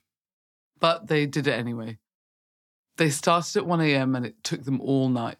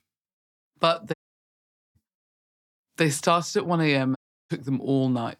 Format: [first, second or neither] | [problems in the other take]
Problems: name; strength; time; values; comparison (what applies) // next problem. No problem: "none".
first | audio cutting out; at 1 s for 1 s and at 4 s